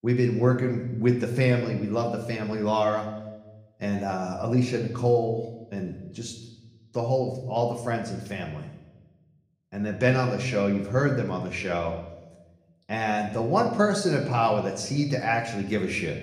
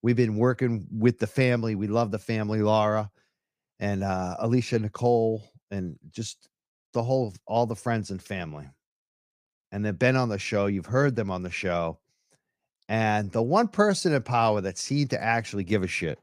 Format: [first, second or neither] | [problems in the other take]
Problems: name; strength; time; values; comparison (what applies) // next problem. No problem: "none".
second | room echo; slight; dies away in 0.8 s // off-mic speech; somewhat distant